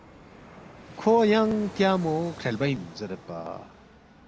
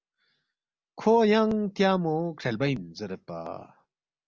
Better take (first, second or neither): second